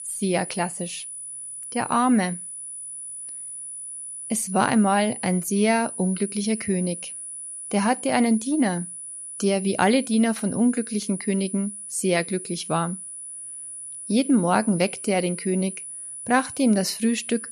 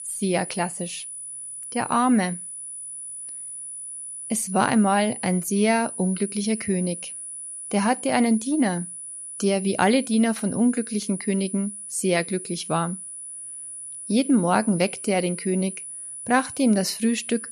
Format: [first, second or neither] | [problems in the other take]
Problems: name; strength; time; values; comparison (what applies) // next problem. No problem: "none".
neither | high-pitched whine; loud; throughout; 10 kHz, 10 dB below the speech; the same in both